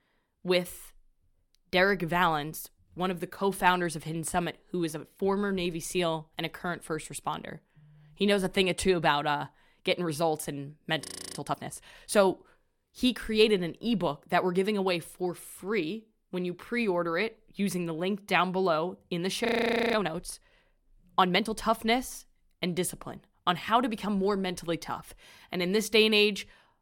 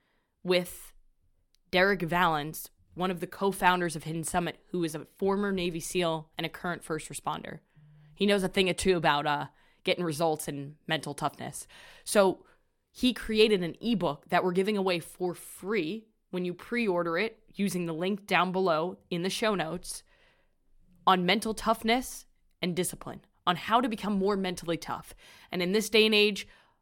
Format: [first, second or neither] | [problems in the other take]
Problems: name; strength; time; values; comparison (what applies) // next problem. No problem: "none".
second | audio freezing; at 11 s and at 19 s